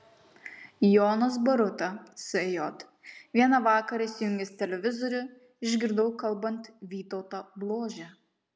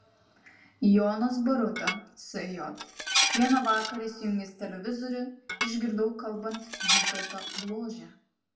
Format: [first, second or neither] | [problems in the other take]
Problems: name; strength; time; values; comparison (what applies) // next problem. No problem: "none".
first | background sound (Dishes, pots, and pans); 2 dB below the speech // room echo; dies away in 0.3 s